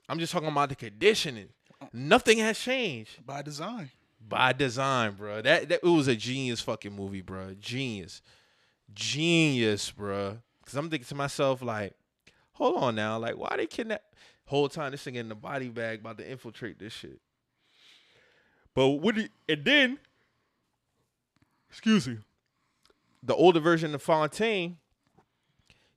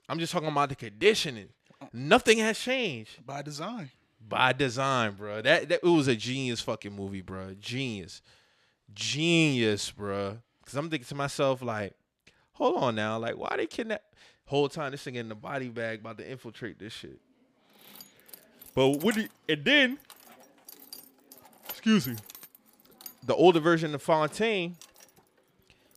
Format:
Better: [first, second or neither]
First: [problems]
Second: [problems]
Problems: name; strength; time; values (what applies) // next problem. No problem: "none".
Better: first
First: none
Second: jangling keys; faint; from 18 to 25 s; peak 15 dB below the speech